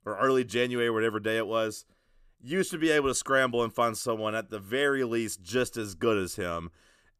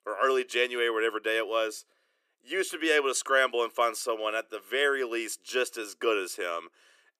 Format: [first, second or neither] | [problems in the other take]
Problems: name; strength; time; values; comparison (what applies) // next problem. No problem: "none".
first | thin; very; fading below 350 Hz